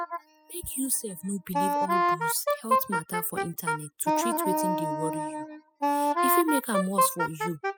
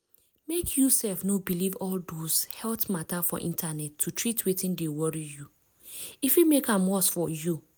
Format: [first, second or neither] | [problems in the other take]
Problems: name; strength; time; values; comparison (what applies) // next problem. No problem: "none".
second | noise reduction (classical method spectral subtraction)